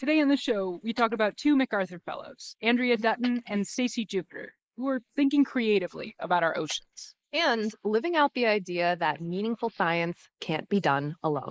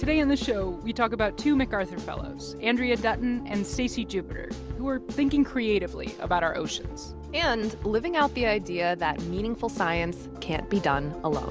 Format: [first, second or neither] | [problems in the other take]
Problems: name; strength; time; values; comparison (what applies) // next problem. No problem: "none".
second | noise reduction (neural mask model Resemble Enhance denoiser)